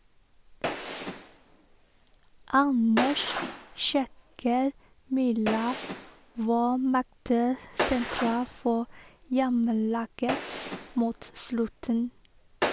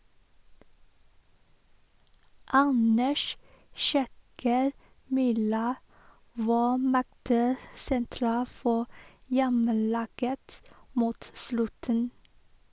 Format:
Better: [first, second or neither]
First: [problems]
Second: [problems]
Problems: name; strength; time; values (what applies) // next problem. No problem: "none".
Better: second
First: background sound (Gunshot, gunfire); 9 dB below the speech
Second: none